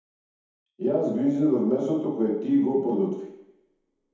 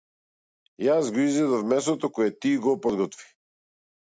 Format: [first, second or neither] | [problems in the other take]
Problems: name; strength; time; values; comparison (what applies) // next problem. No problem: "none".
second | room echo; dies away in 1 s